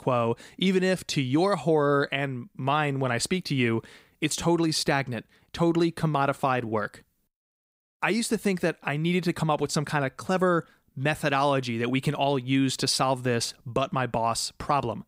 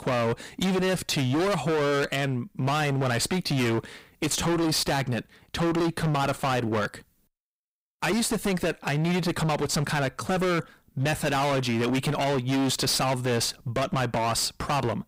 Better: first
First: none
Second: distortion; heavy; 30% of the sound clipped

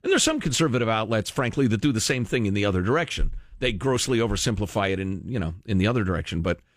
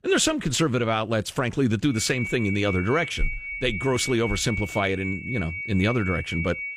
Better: first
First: none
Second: high-pitched whine; loud; from 2 s on; 2 kHz, 7 dB below the speech

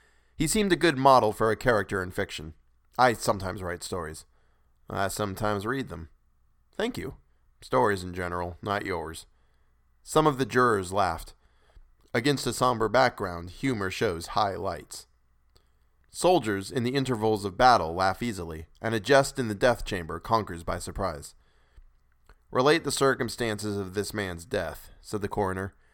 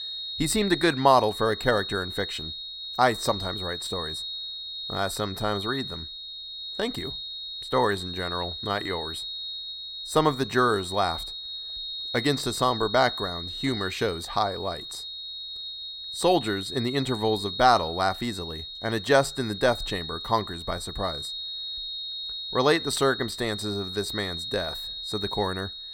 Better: first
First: none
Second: high-pitched whine; loud; throughout; 4 kHz, 7 dB below the speech

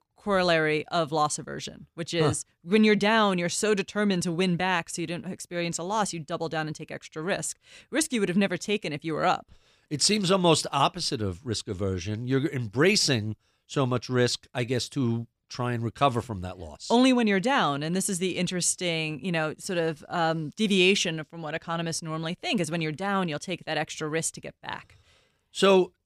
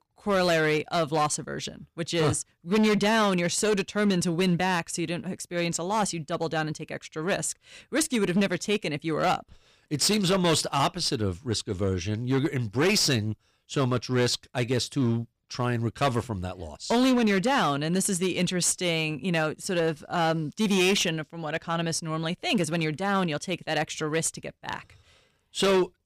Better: first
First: none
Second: distortion; slight; 7% of the sound clipped

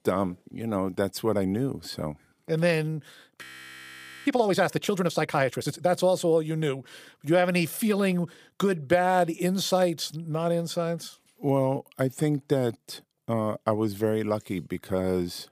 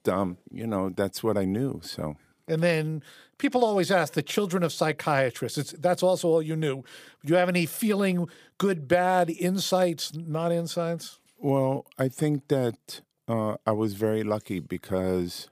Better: second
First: audio freezing; at 3.5 s for 1 s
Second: none

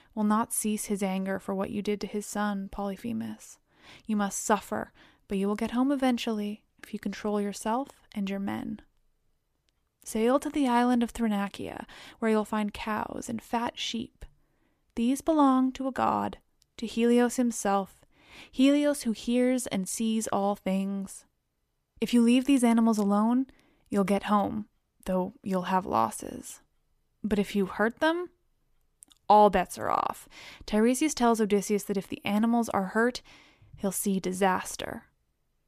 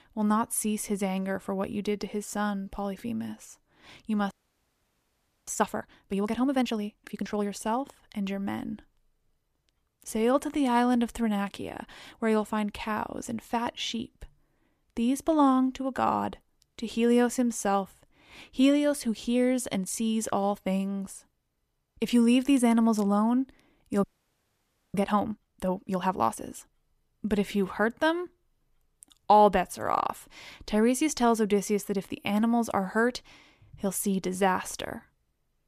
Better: first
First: none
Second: audio freezing; at 4.5 s for 1 s and at 24 s for 1 s

